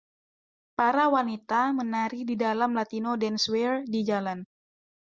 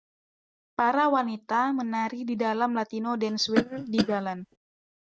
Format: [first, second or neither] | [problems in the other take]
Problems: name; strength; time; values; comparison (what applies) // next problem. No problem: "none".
first | noise reduction (neural mask model RNNoise)